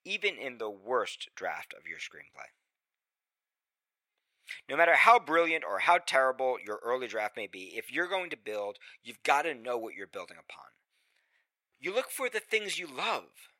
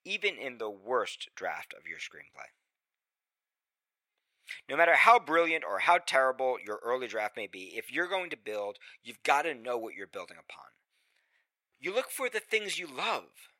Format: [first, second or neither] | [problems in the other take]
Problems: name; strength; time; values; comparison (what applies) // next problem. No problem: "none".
neither | thin; very; fading below 750 Hz; the same in both